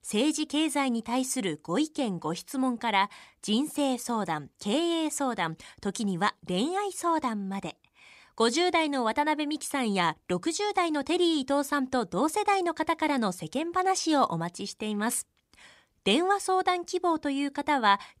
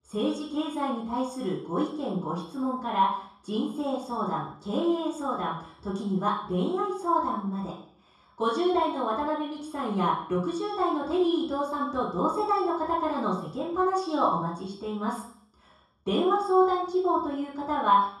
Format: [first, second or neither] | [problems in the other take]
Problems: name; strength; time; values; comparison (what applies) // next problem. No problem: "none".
first | room echo; noticeable; dies away in 0.6 s // off-mic speech; far